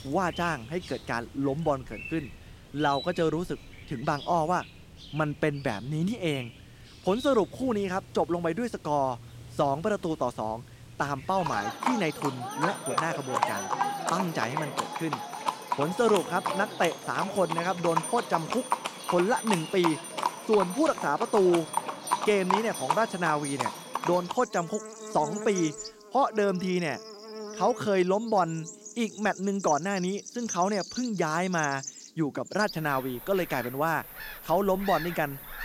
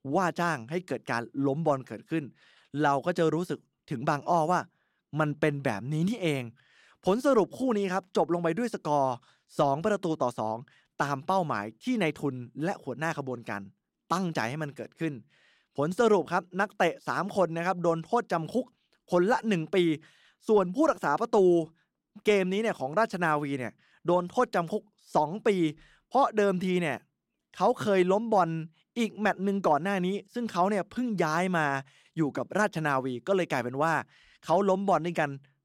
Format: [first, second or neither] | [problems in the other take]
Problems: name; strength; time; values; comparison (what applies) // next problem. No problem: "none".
second | animal sounds; loud; throughout; 6 dB below the speech